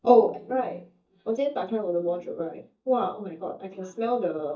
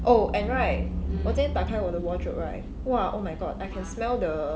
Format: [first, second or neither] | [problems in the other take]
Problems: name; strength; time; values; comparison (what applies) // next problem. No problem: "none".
second | noise reduction (neural mask model DeepFilterNet 3)